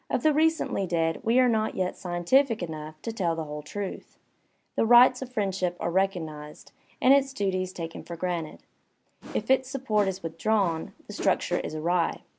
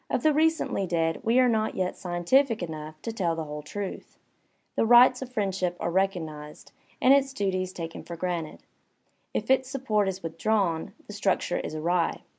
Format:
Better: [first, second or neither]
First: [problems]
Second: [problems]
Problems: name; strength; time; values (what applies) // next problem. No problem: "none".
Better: second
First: background sound (Whoosh, swoosh, swish); 16 dB below the speech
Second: none